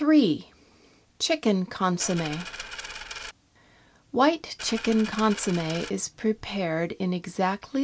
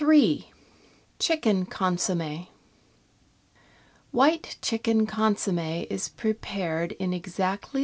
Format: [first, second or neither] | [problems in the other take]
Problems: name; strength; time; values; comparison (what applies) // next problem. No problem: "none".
second | background sound (Coin (dropping)); 11 dB below the speech